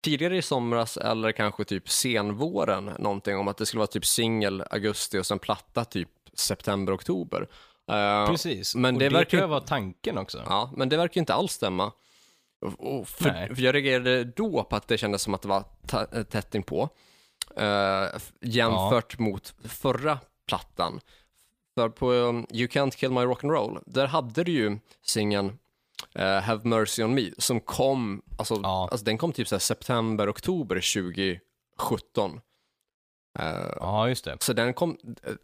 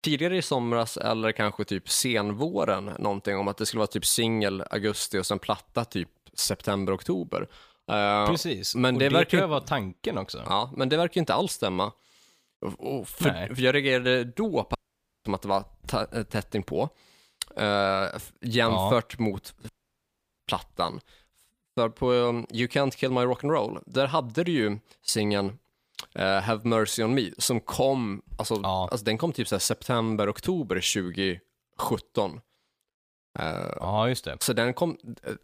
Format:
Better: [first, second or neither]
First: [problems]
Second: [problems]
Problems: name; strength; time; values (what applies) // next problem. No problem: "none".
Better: first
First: none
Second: audio cutting out; at 15 s for 0.5 s and at 20 s for 0.5 s